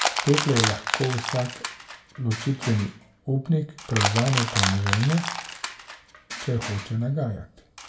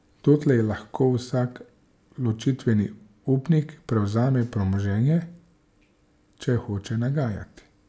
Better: second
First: background sound (Crushing); 4 dB below the speech // room echo; dies away in 0.2 s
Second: none

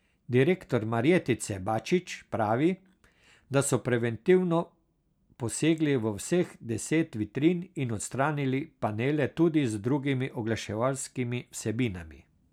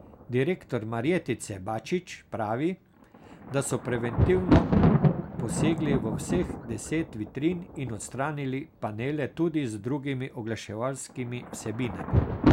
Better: first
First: none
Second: background sound (Thunder); 1 dB above the speech

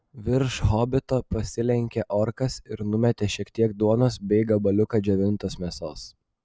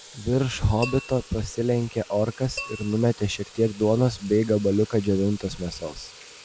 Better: first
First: none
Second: background sound (Tap / Glass + Sink (filling or washing) / Water tap, faucet); 18 dB below the speech

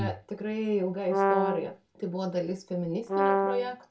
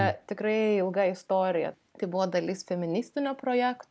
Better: second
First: background sound (Brass instrument); 4 dB above the speech // room echo; dies away in 0.2 s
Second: none

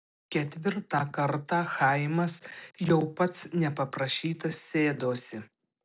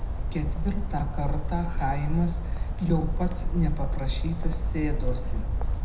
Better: first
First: none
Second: background sound (Bird); 4 dB above the speech // room echo; dies away in 0.8 s

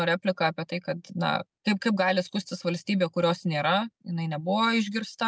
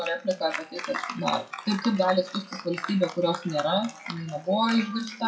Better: first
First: none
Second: noise reduction (classical method WPE with log-MMSE)

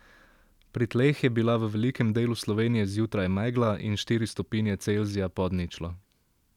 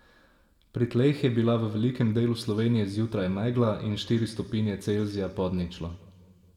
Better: first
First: none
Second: room echo; dies away in 1.5 s

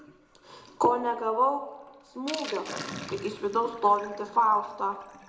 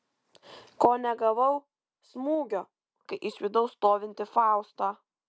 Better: second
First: background sound (Sink (filling or washing)); 15 dB below the speech // room echo; dies away in 0.6 s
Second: none

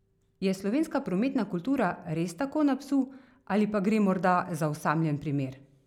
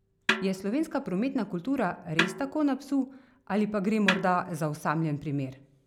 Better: first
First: none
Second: background sound (Snare drum); 6 dB below the speech

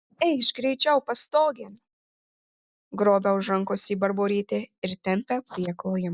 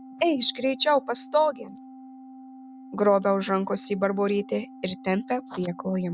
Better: first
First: none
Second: background sound (Organ); 18 dB below the speech

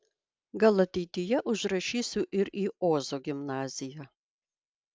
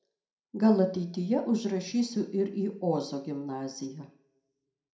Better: first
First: none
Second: room echo; dies away in 0.4 s

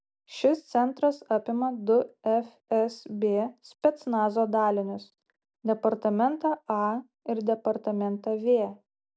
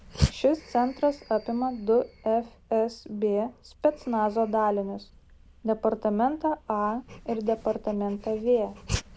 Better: first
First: none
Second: background sound (Dog); 11 dB below the speech

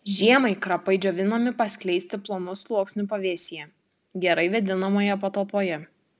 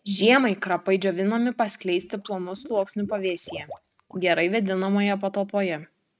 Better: first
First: none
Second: noise reduction (neural mask model RNNoise)

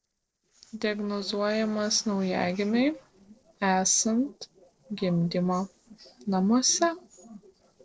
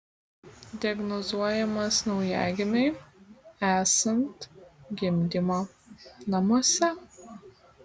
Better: second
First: noise reduction (neural separator model SepFormer DNS4)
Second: none

